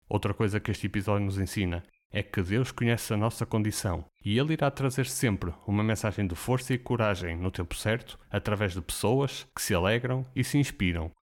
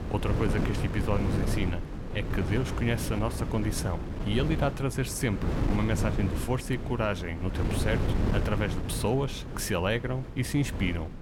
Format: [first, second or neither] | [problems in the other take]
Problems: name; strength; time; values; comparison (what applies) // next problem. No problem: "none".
first | wind noise on the microphone; heavy; 5 dB below the speech